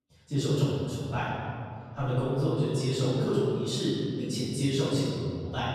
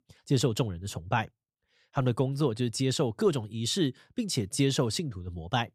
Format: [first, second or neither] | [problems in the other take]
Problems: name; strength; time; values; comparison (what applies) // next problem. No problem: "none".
second | off-mic speech; far // room echo; strong; dies away in 2.1 s